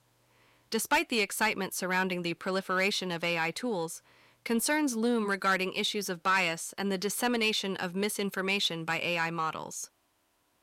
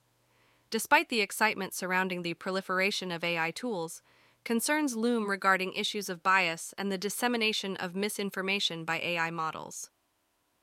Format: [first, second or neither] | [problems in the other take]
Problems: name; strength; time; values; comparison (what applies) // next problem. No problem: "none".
second | distortion; slight; 10 dB below the speech